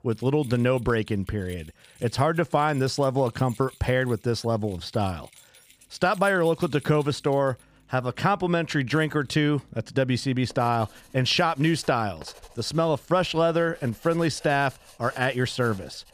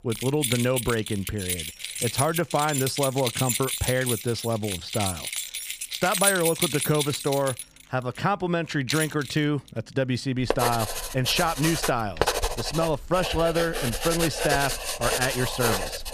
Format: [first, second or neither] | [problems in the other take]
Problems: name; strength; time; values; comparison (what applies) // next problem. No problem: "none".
first | household noises; loud; throughout; 2 dB below the speech; faint in the first